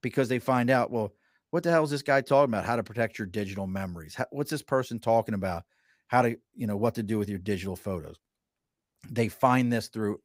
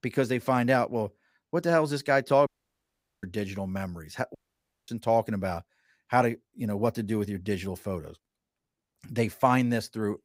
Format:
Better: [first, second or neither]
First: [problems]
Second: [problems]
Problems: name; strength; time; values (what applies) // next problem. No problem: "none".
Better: first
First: none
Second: audio cutting out; at 2.5 s for 1 s and at 4.5 s for 0.5 s